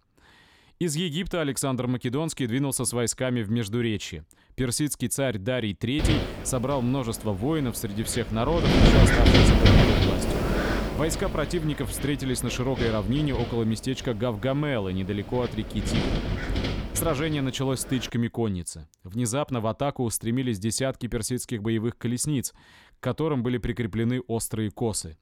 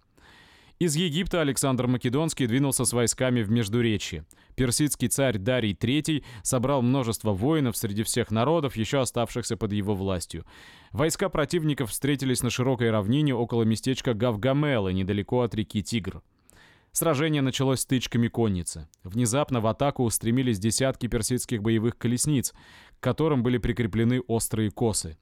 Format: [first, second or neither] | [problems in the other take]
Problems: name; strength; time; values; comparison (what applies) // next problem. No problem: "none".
second | wind noise on the microphone; heavy; from 6 to 18 s; 3 dB above the speech